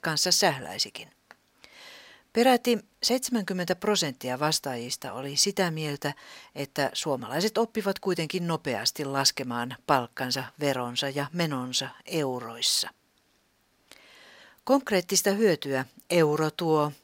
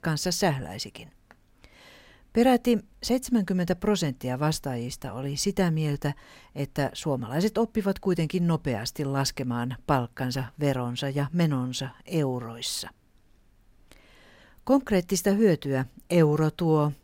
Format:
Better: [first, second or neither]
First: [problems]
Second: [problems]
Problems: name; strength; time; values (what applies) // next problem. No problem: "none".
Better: second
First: thin; very slightly; fading below 1 kHz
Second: none